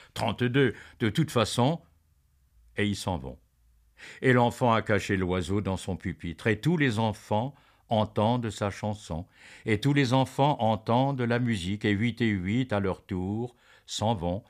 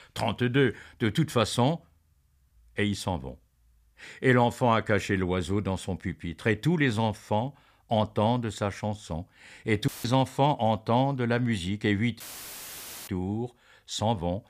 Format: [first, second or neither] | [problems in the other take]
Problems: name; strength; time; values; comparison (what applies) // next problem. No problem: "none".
first | audio cutting out; filled with static; at 10 s and at 12 s for 1 s